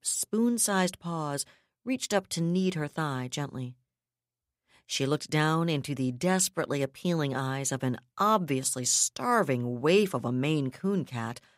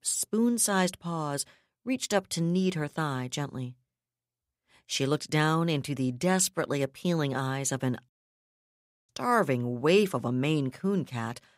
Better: first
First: none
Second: audio cutting out; at 8 s for 1 s

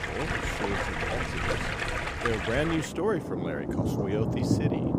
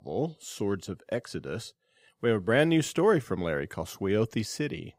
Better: second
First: rain or running water; very loud; throughout; 3 dB above the speech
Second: none

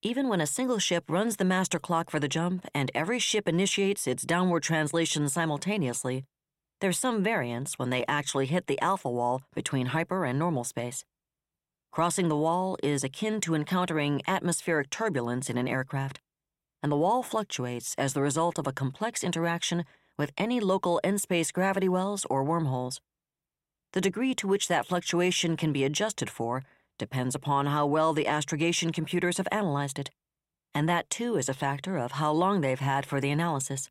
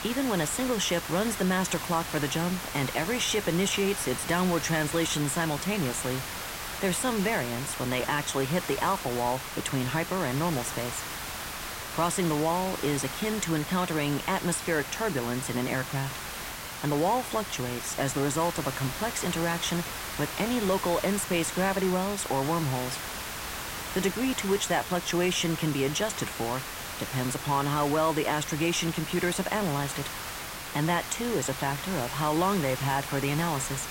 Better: first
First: none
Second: hiss; loud; throughout; 6 dB below the speech

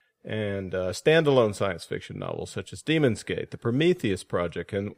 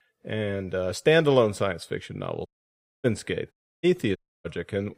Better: first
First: none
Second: audio cutting out; at 2.5 s for 0.5 s, at 3.5 s and at 4 s

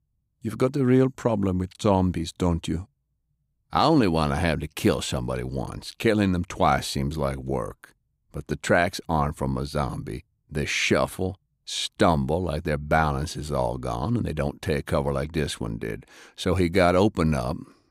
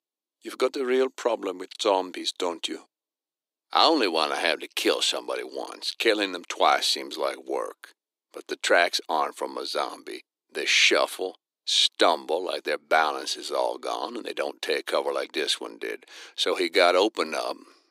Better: first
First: none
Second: thin; very; fading below 300 Hz

